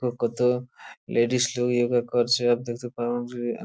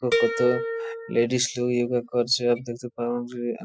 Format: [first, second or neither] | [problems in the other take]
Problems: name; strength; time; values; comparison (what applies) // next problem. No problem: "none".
first | noise reduction (classical method spectral subtraction)